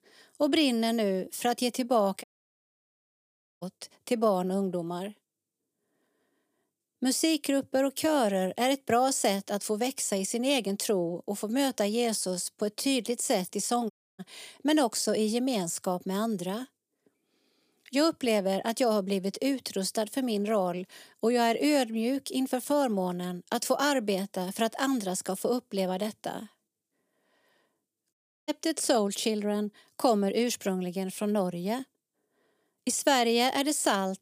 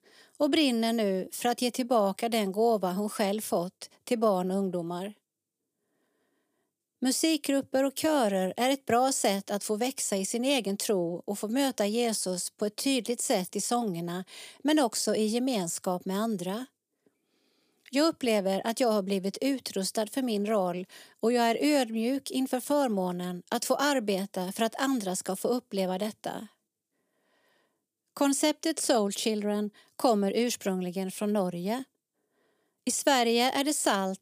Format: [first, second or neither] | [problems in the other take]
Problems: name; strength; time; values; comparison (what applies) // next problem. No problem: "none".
second | audio cutting out; at 2 s for 1.5 s, at 14 s and at 28 s